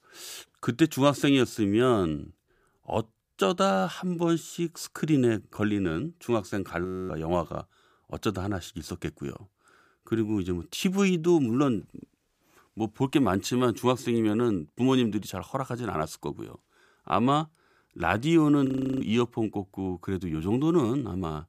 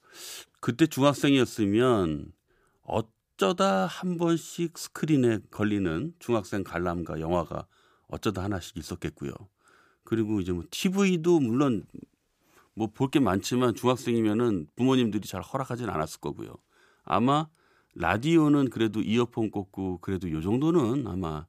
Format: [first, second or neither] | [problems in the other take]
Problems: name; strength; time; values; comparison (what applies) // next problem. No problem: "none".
second | audio freezing; at 7 s and at 19 s